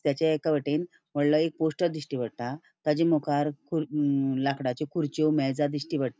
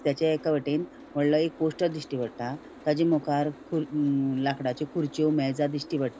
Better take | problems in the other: first | background sound (Boat, Water vehicle); 20 dB below the speech

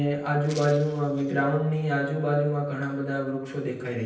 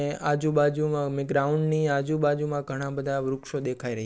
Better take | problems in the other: second | noise reduction (neural separator model SepFormer DNS4)

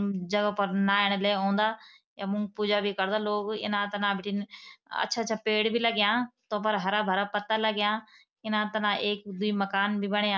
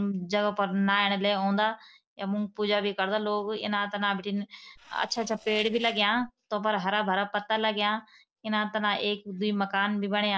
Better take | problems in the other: first | noise reduction (neural separator model SepFormer DNS4)

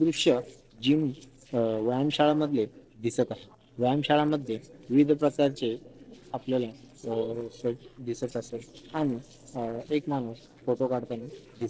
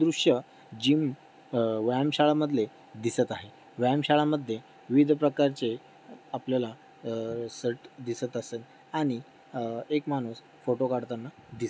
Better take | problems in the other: second | noise reduction (neural separator model SepFormer DNS4)

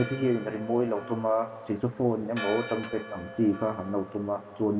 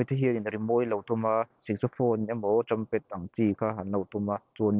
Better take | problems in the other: second | background sound (Church bell); 14 dB below the speech // room echo; dies away in 2.1 s

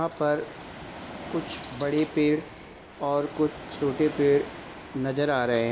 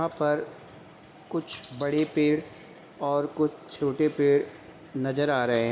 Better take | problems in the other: second | background sound (Ocean); 15 dB below the speech

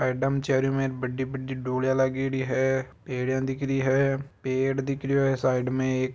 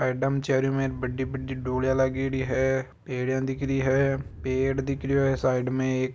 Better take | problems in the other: first | background sound (Wind); 13 dB below the speech

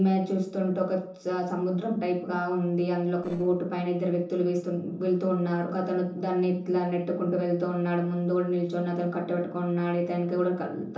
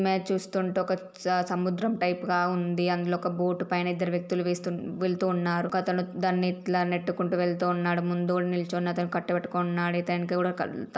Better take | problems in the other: second | noise reduction (neural separator model SepFormer DNS4)

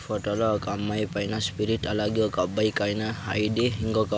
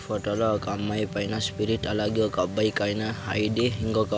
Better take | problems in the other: first | background sound (Wind instrument, woodwind instrument); 20 dB below the speech

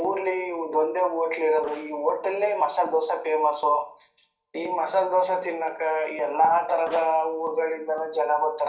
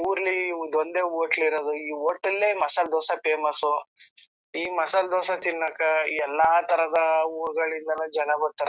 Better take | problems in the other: second | noise reduction (neural separator model SepFormer DNS4)

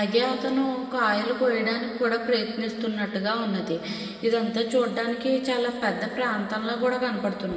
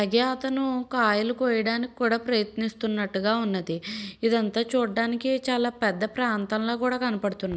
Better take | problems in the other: second | room echo; dies away in 2.7 s

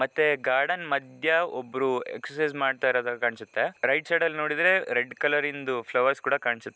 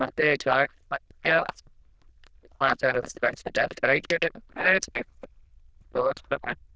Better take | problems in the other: first | noise reduction (neural diffusion model UNIVERSE++)

